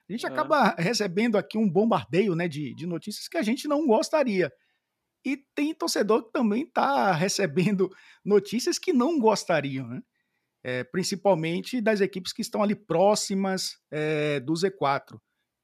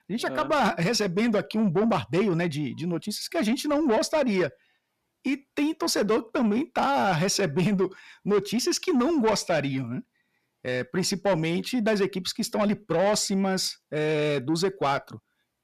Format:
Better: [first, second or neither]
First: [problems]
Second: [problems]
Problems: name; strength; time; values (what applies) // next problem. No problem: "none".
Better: first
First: none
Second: distortion; slight; 10 dB below the speech